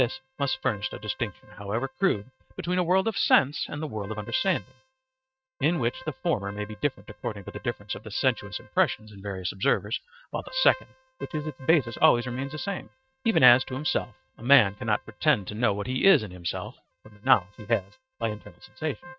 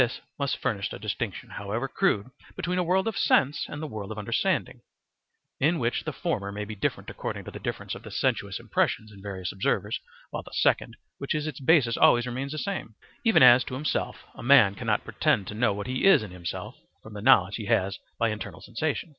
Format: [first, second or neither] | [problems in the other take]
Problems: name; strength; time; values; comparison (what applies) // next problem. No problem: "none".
second | noise reduction (neural mask model RNNoise)